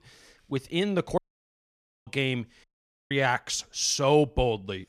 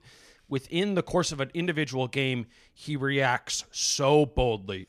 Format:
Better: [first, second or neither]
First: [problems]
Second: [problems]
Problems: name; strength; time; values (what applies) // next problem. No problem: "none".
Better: second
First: audio cutting out; at 1 s for 1 s and at 2.5 s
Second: none